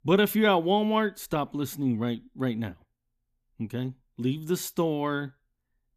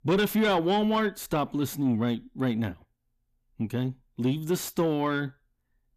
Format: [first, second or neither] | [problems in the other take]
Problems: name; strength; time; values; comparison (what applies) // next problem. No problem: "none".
first | distortion; slight; 10 dB below the speech